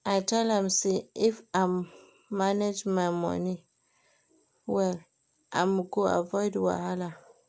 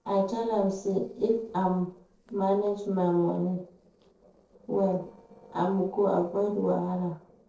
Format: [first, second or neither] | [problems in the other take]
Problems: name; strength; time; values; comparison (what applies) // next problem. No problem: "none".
first | noise reduction (neural separator model SepFormer DNS4)